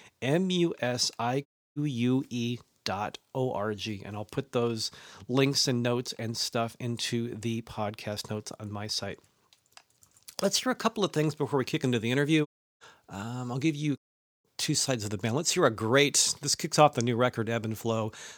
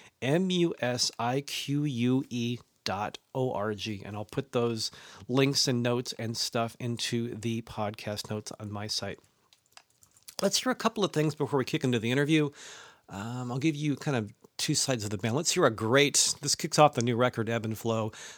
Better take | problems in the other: second | audio cutting out; at 1.5 s, at 12 s and at 14 s

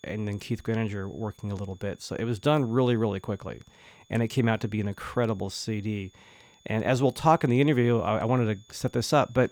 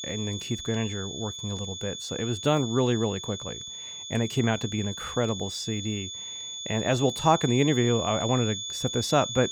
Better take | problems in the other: first | high-pitched whine; loud; throughout; 3.5 kHz, 6 dB below the speech; faint in the first

